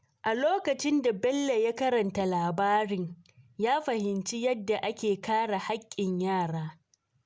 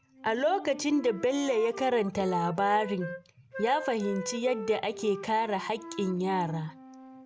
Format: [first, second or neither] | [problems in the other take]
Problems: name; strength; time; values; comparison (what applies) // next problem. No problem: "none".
first | background sound (Wind instrument, woodwind instrument); 12 dB below the speech